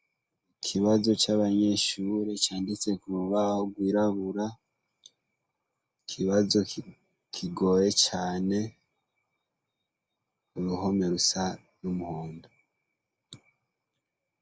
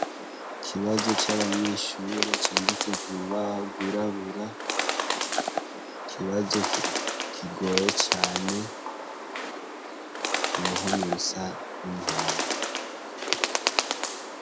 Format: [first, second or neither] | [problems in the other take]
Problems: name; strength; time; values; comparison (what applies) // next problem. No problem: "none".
first | background sound (Bird); 2 dB above the speech